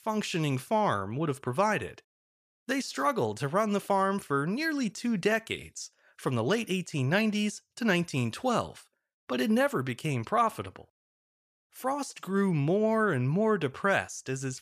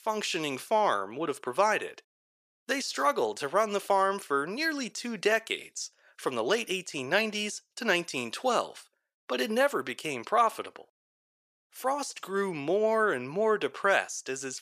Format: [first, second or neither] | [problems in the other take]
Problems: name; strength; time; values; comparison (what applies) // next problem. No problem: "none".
first | thin; somewhat; fading below 400 Hz